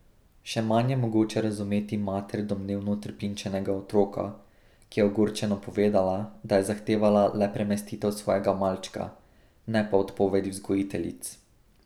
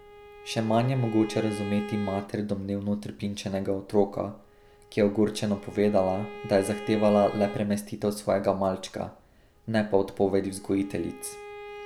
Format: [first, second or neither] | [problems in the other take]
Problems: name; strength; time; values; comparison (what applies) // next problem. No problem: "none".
first | background sound (Bowed string instrument); 16 dB below the speech